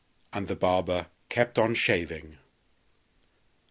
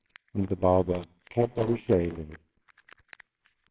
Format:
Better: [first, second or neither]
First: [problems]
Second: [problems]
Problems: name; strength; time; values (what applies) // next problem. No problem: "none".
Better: first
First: none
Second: noise reduction (neural separator model SepFormer WHAMR!)